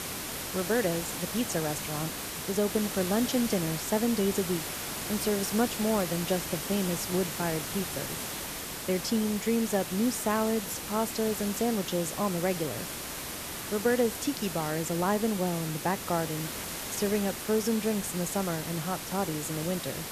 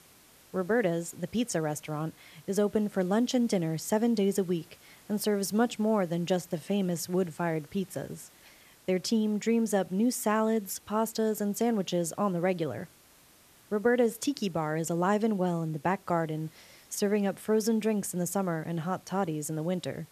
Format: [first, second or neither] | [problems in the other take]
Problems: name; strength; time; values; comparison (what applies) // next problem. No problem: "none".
second | hiss; loud; throughout; 4 dB below the speech; faint in the second